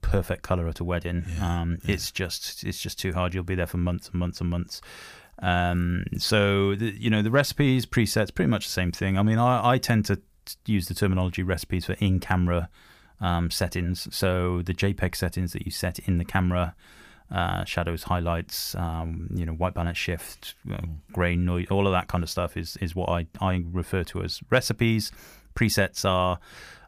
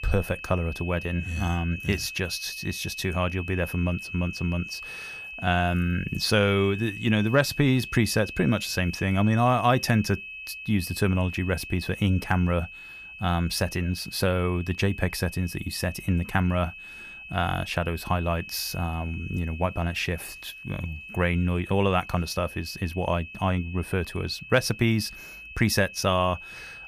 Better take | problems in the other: first | high-pitched whine; noticeable; throughout; 2.5 kHz, 10 dB below the speech

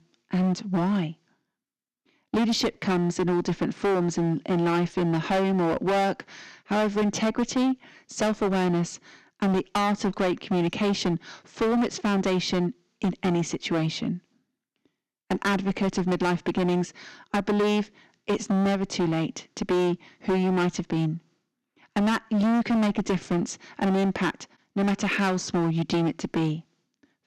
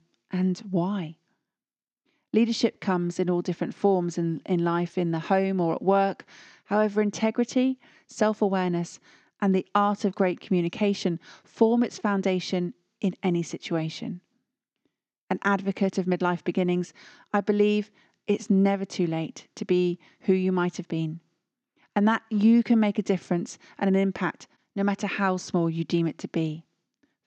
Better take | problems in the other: second | distortion; heavy; 19% of the sound clipped

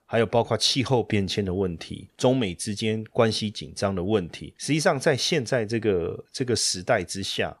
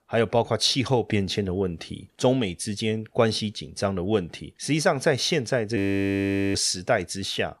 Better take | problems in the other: first | audio freezing; at 6 s for 1 s

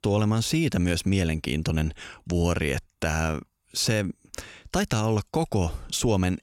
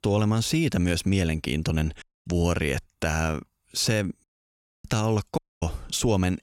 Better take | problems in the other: first | audio cutting out; at 2 s, at 4 s for 0.5 s and at 5.5 s

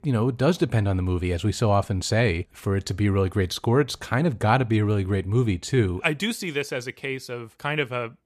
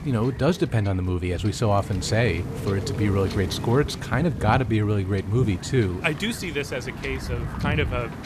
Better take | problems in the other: first | wind noise on the microphone; occasional gusts; 10 dB below the speech

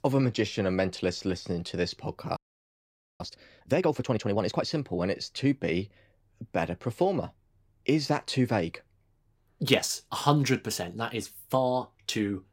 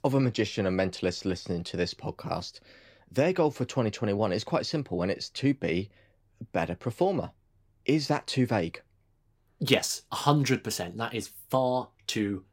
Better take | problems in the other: second | audio freezing; at 2.5 s for 1 s

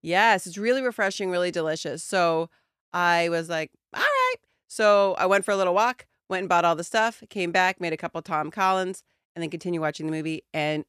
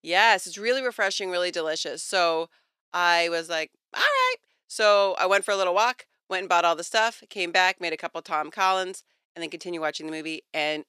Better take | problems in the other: first | thin; somewhat; fading below 350 Hz

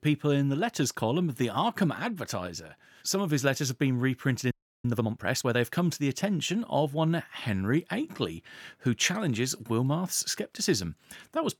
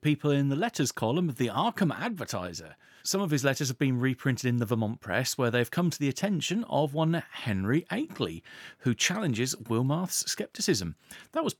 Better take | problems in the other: second | audio freezing; at 4.5 s

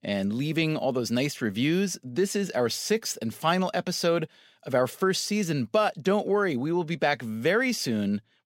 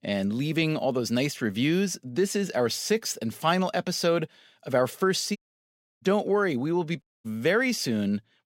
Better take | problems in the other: first | audio cutting out; at 5.5 s for 0.5 s and at 7 s

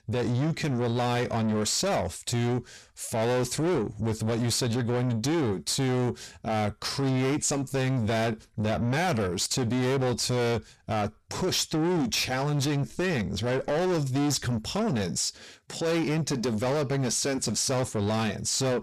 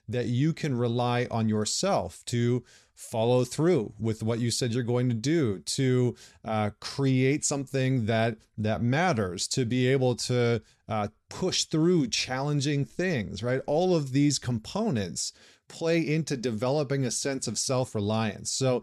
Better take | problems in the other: second | distortion; heavy; 8 dB below the speech

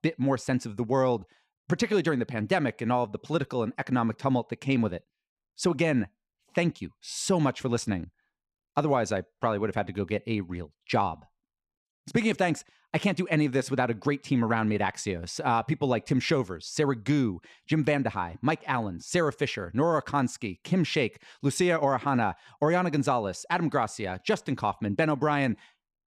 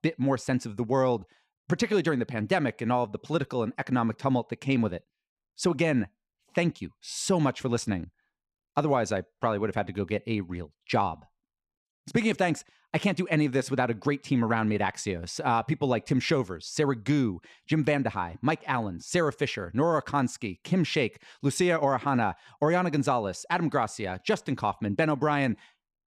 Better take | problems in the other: neither | none

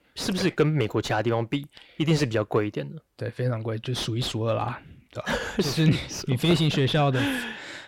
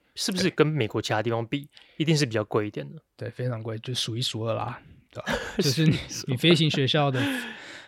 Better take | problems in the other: second | distortion; slight; 9 dB below the speech

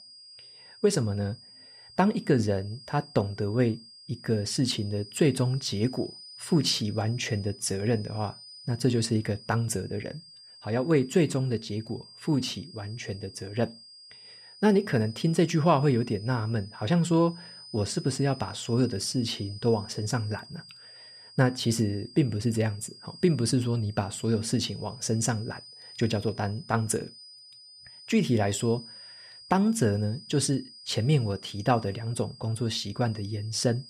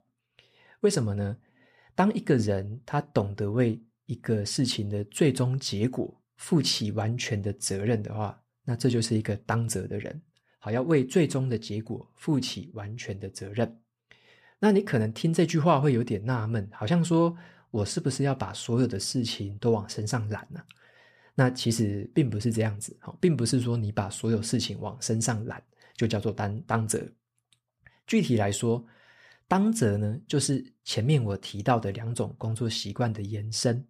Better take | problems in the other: second | high-pitched whine; noticeable; throughout; 5 kHz, 20 dB below the speech

